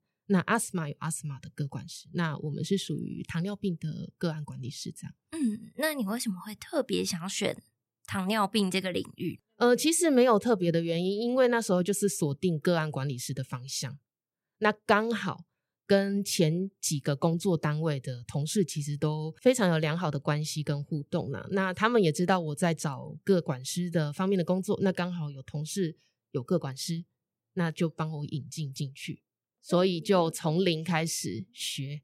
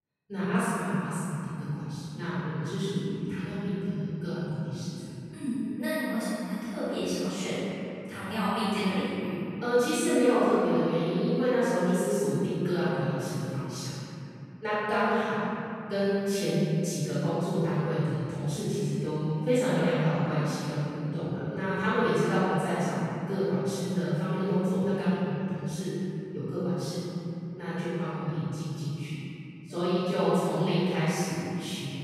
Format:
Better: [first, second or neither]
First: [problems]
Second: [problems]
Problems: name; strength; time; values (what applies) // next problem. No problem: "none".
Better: first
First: none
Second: off-mic speech; far // room echo; strong; dies away in 2.9 s